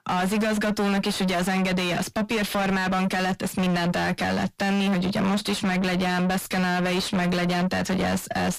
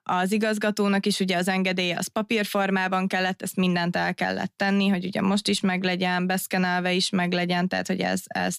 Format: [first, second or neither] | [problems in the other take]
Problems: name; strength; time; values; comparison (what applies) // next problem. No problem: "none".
second | distortion; heavy; 6 dB below the speech